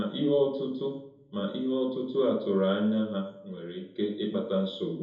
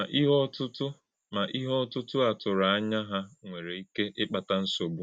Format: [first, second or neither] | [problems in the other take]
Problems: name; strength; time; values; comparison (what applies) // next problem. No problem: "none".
second | room echo; dies away in 2.6 s